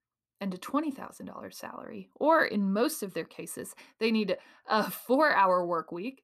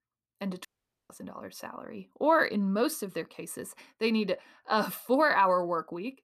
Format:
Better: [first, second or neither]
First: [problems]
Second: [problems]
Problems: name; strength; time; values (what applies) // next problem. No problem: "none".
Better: first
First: none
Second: audio cutting out; at 0.5 s